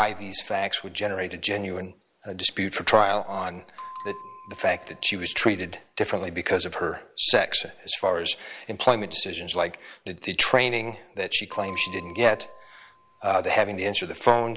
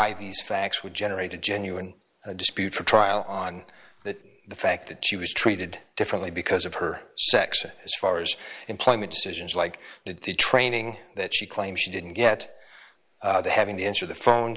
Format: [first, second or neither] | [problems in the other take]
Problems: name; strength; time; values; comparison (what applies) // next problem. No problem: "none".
second | background sound (Bell); 18 dB below the speech